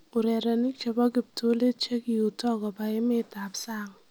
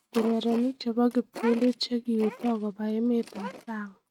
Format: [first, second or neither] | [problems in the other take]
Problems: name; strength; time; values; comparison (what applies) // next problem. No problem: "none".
first | noise reduction (neural mask model RNNoise)